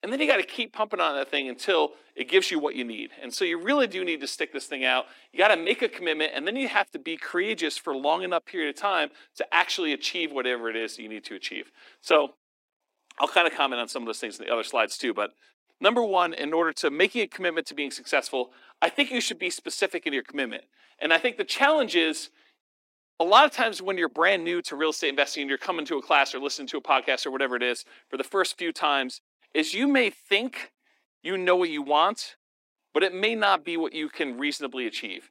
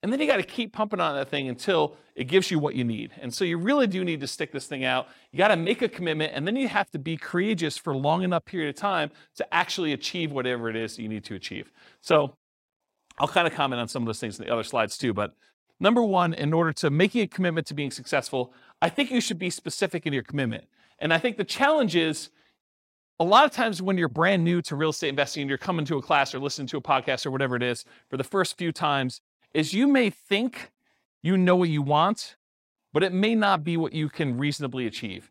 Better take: second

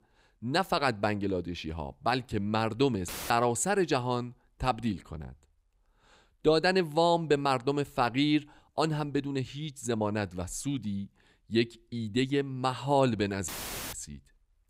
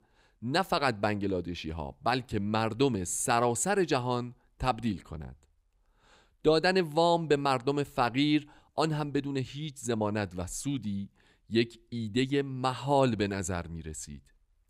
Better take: second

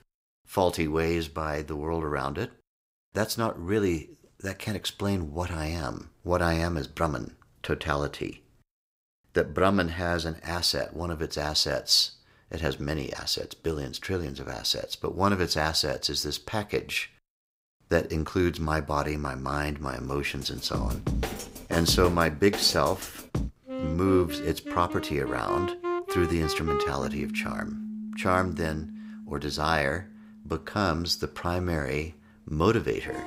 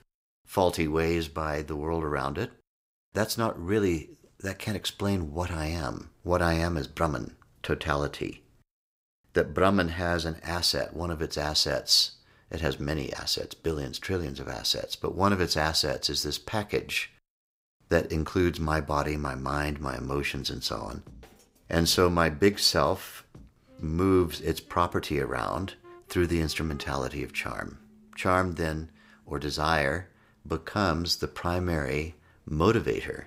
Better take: second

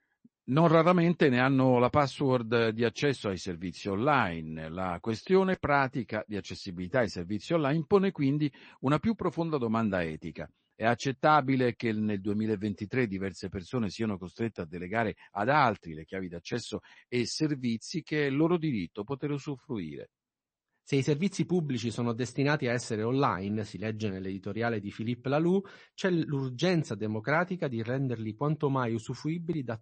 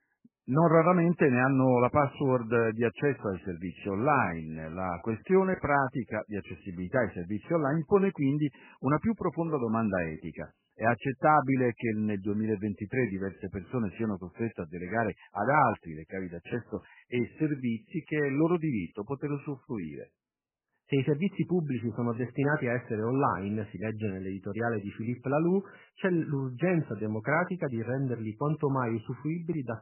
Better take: first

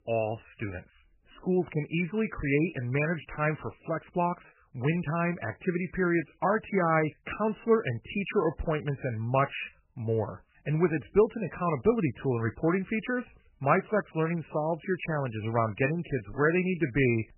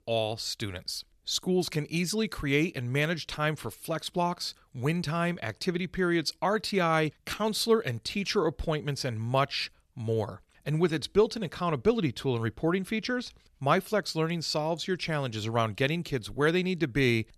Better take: second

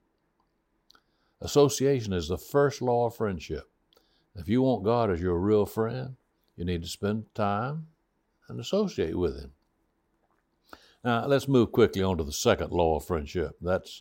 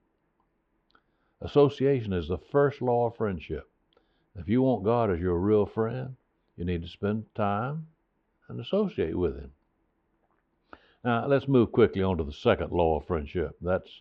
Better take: first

